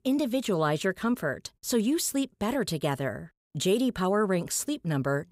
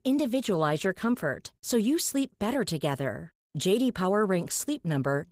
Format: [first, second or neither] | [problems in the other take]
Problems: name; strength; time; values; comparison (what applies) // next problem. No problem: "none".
first | garbled, watery; slightly; nothing above 15.5 kHz